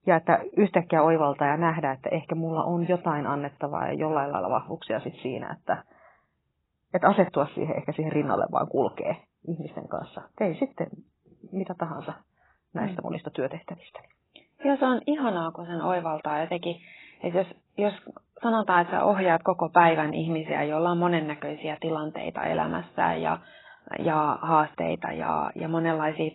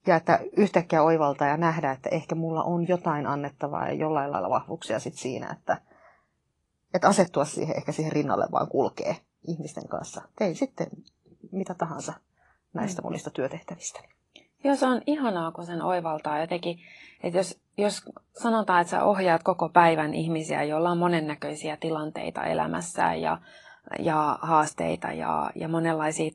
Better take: second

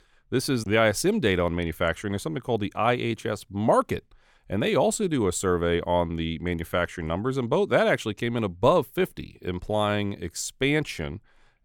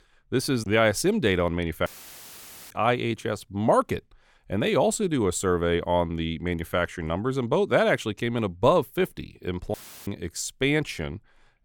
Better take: first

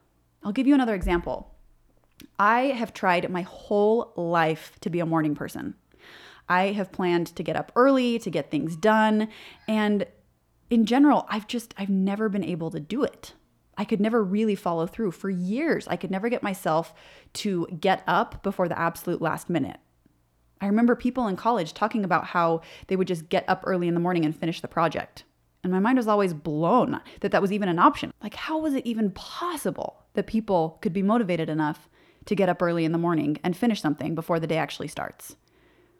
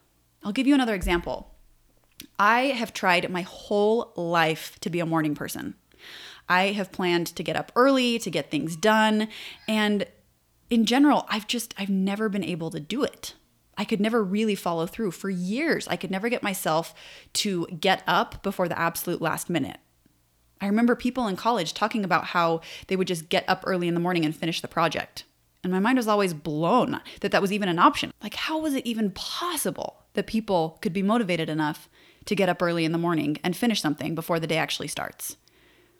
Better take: second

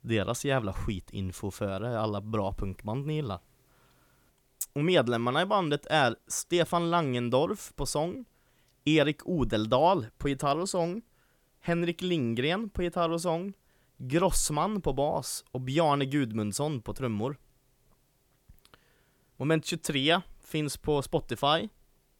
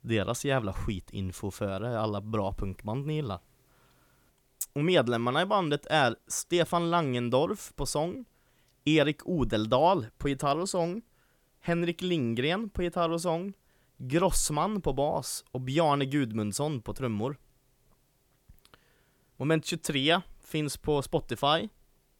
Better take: neither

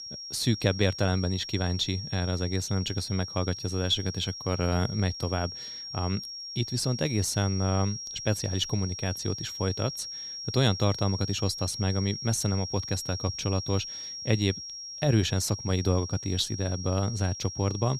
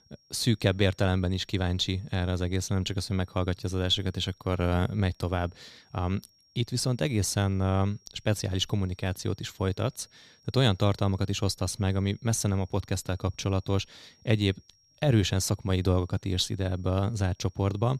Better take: second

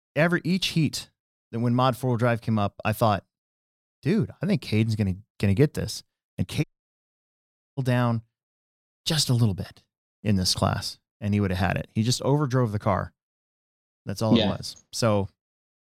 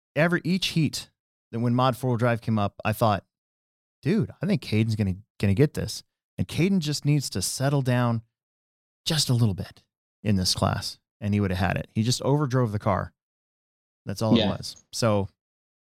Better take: second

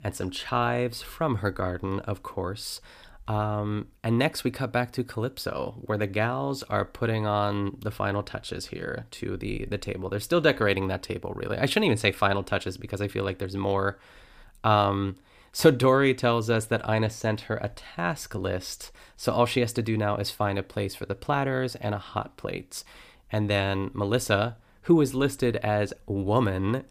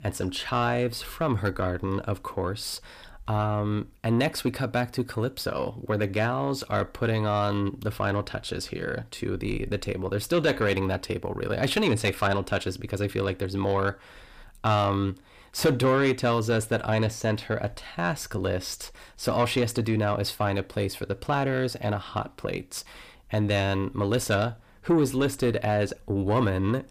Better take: first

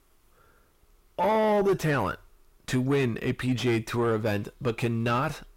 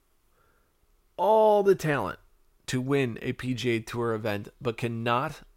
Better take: second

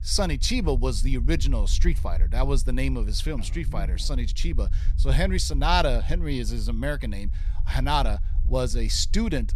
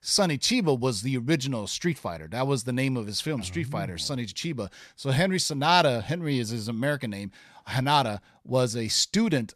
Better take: second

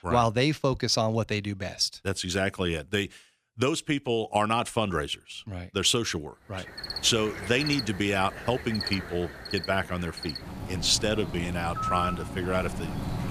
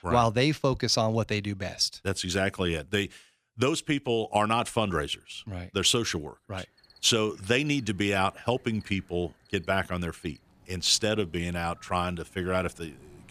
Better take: second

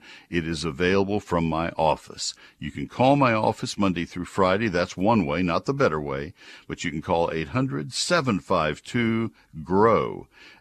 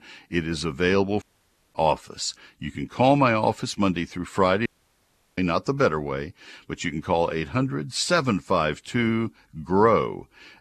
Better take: first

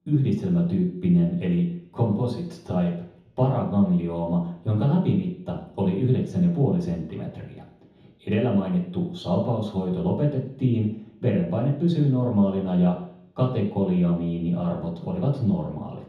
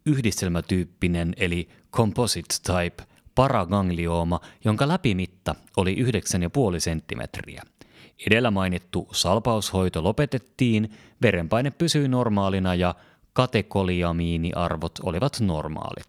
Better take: second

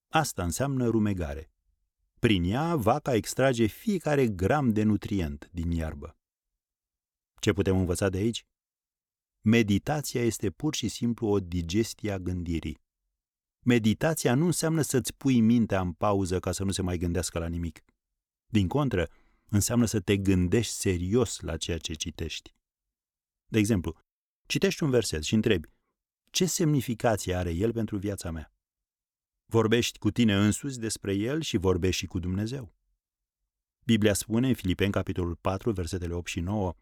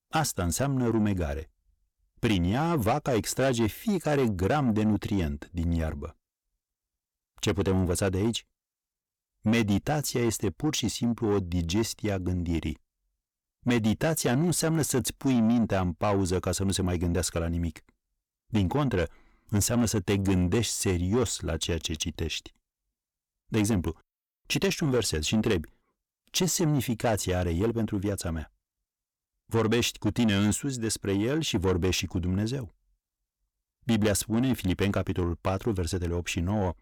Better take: first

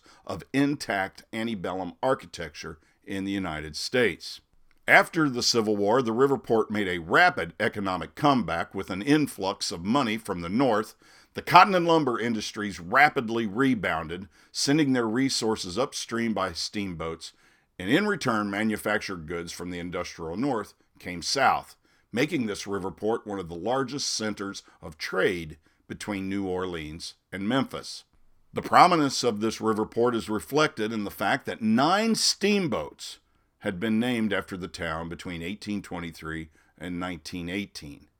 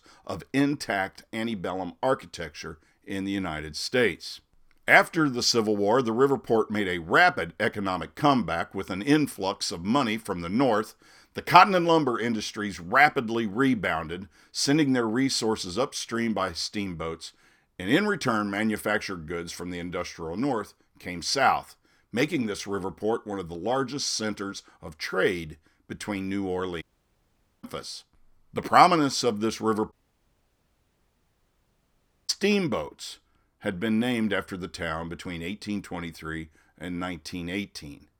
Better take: first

